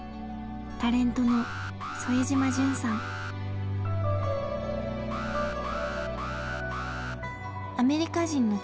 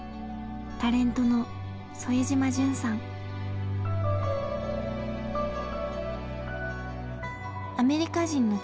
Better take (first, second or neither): second